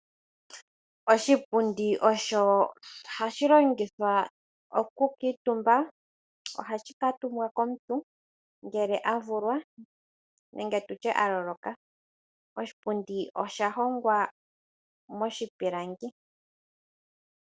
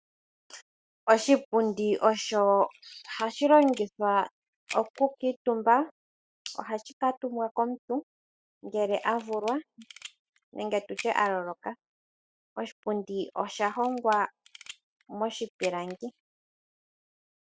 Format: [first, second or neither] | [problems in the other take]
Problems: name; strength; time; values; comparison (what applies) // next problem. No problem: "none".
first | noise reduction (classical method spectral subtraction)